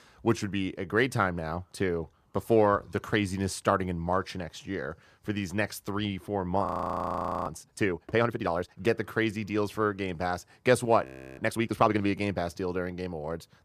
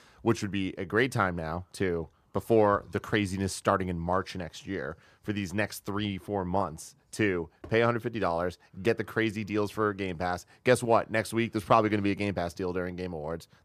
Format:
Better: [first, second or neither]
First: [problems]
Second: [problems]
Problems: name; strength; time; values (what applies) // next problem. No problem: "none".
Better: second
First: audio freezing; at 6.5 s for 1 s and at 11 s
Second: none